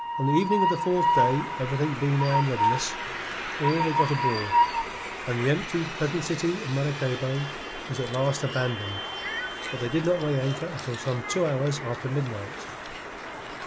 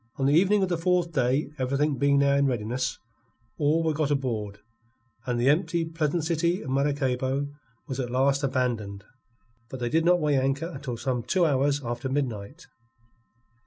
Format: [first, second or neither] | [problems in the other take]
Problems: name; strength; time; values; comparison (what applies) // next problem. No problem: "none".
second | background sound (Train); 2 dB below the speech